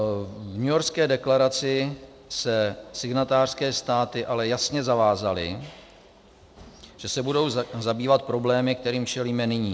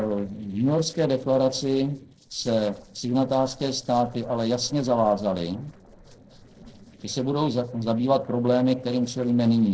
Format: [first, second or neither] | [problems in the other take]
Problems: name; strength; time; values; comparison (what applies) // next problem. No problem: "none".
first | noise reduction (neural separator model SepFormer DNS4)